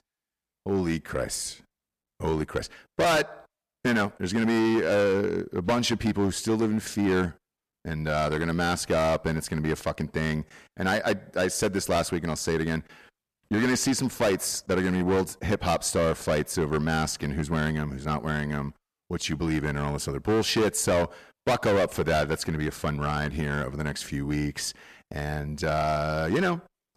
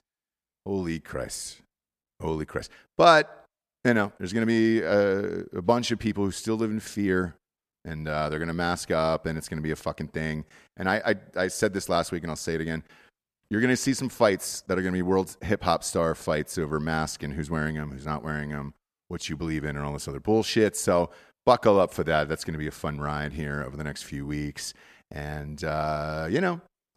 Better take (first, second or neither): second